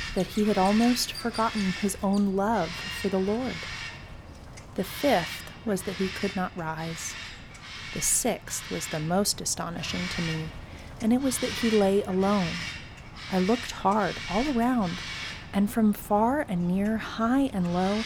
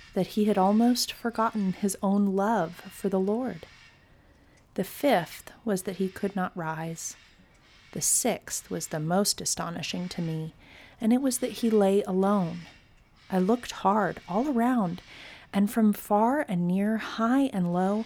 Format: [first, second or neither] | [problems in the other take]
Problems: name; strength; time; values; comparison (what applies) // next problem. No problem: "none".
second | animal sounds; loud; throughout; 10 dB below the speech; faint in the second